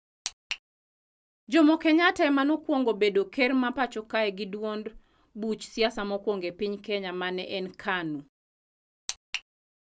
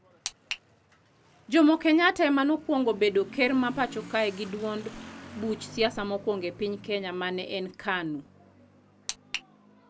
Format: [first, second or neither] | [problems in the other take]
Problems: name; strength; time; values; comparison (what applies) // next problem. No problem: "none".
first | background sound (Motorcycle / Accelerating, revving, vroom); 20 dB below the speech